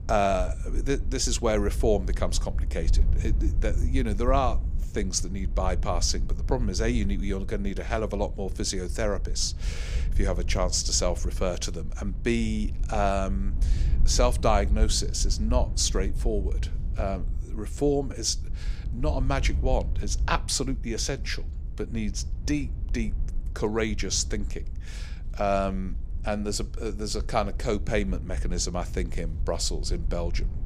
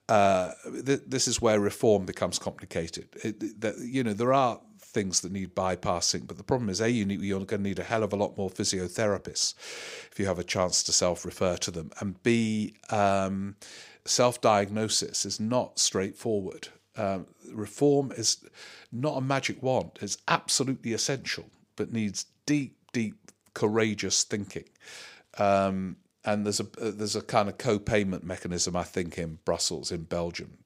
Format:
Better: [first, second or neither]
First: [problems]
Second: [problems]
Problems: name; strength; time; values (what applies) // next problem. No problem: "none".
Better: second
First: wind noise on the microphone; occasional gusts; 20 dB below the speech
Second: none